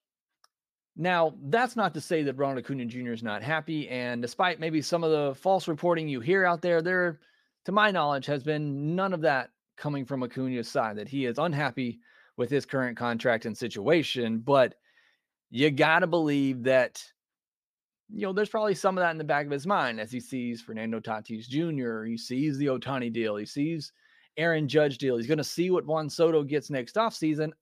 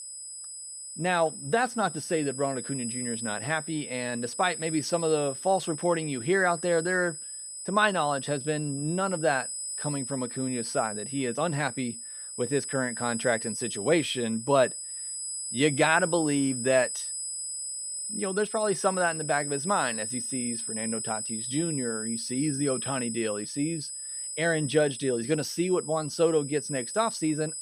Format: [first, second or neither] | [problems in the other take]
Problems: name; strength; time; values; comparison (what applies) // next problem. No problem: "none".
first | high-pitched whine; loud; throughout; 8 kHz, 5 dB below the speech